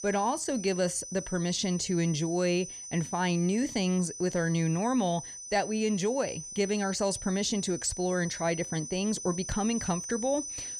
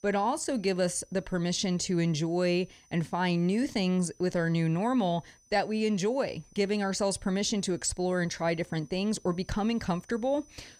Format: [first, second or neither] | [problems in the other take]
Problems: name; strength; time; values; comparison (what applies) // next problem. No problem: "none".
second | high-pitched whine; loud; throughout; 6 kHz, 9 dB below the speech; faint in the second